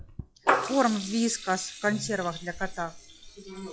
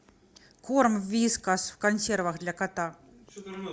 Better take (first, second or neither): second